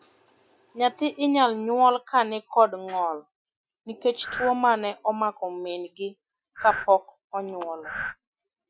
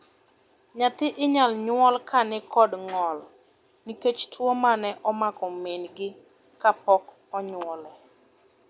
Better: second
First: noise reduction (classical method Wiener filter)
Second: none

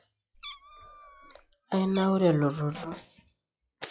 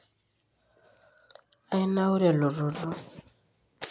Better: second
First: noise reduction (classical method log-MMSE)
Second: none

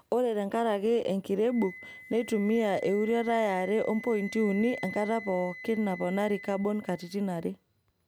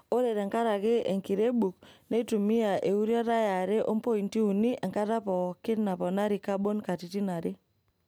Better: second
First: background sound (Wind instrument, woodwind instrument); 17 dB below the speech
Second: none

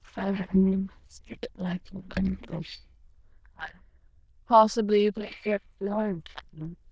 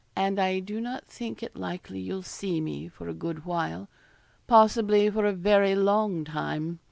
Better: second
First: noise reduction (neural diffusion model UNIVERSE++)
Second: none

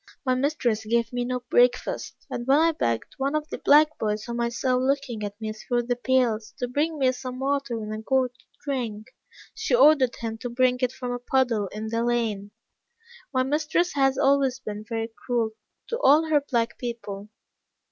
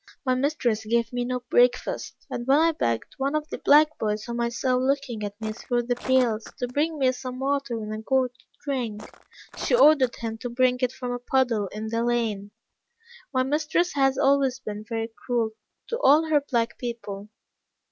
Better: first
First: none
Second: background sound (Walk, footsteps); 18 dB below the speech

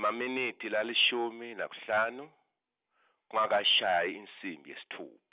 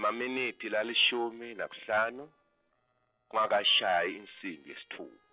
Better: first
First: none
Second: noise reduction (neural separator model SepFormer DNS4)

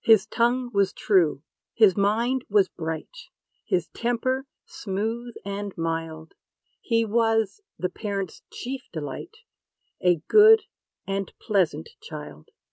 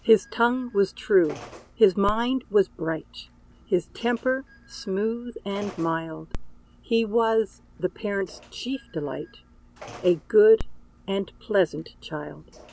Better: first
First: none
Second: background sound (Telephone); 16 dB below the speech

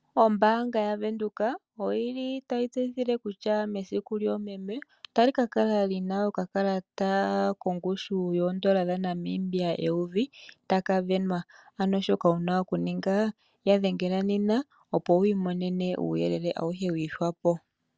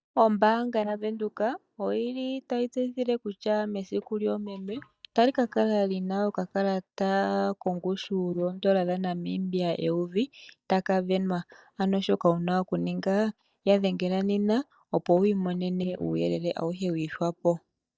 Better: first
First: none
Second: noise reduction (neural mask model DeepFilterNet 3)

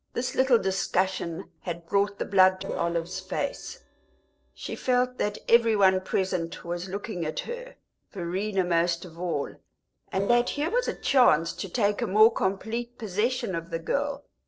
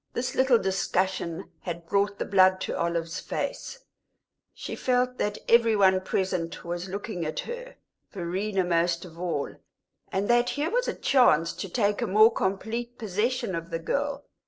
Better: second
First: noise reduction (neural separator model SepFormer DNS4)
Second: none

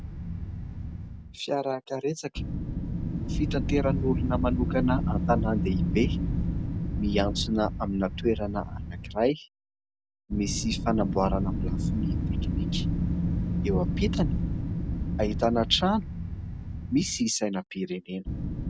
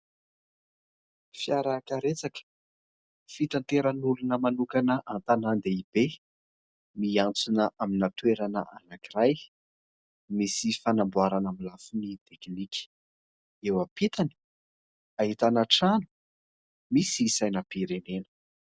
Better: second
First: background sound (Wind); as loud as the speech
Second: none

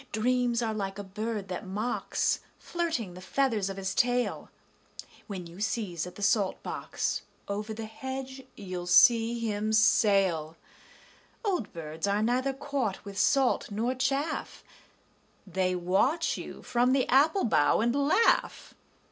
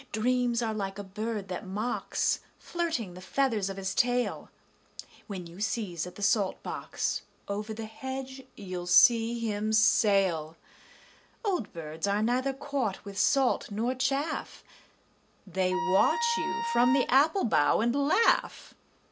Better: first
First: none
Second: background sound (Wind instrument, woodwind instrument); 3 dB below the speech

